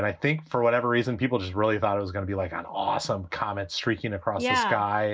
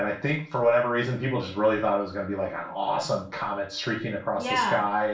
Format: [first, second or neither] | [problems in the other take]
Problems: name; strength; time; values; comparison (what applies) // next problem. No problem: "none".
first | room echo; dies away in 0.3 s